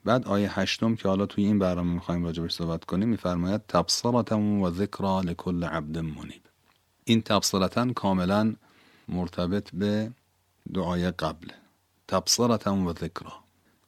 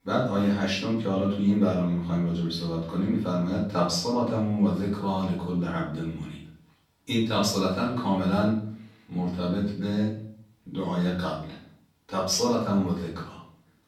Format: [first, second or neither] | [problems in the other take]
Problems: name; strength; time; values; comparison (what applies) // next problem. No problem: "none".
first | off-mic speech; far // room echo; noticeable; dies away in 0.5 s